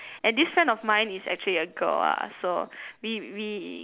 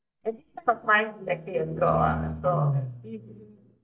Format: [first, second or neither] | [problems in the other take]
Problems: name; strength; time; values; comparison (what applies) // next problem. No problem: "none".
first | noise reduction (neural mask model DeepFilterNet 3)